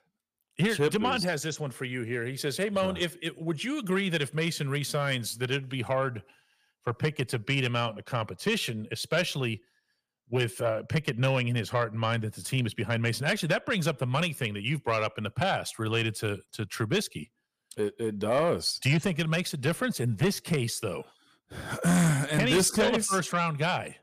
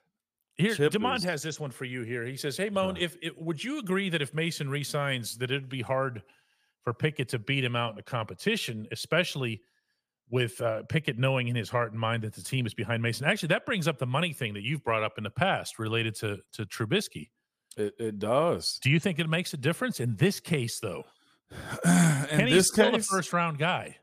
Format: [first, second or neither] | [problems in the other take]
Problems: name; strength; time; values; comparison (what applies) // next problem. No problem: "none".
second | distortion; slight; 10 dB below the speech